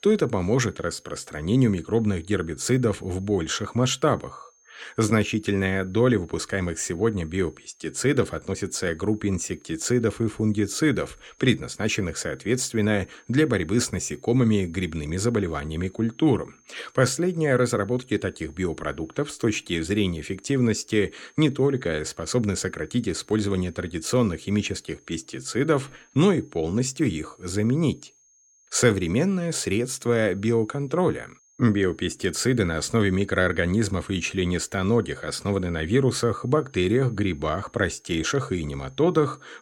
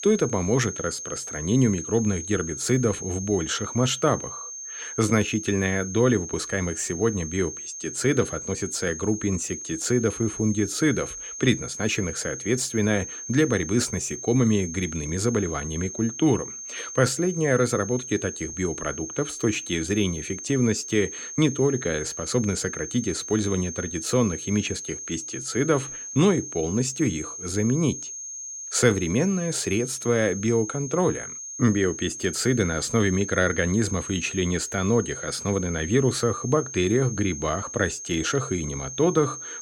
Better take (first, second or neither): first